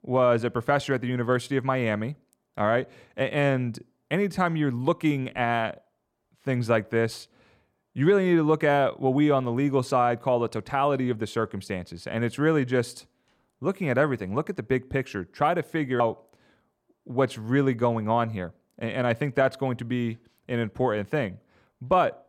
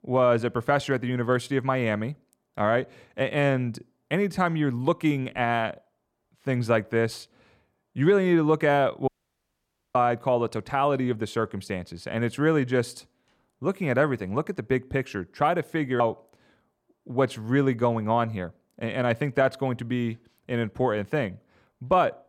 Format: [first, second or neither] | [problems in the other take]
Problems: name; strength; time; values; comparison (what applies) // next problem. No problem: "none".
first | audio cutting out; at 9 s for 1 s